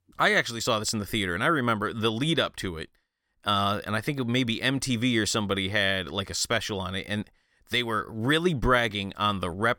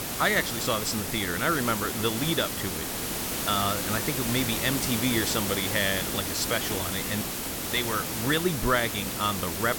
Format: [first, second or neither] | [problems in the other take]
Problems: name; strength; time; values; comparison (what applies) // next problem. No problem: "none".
first | hiss; loud; throughout; 1 dB below the speech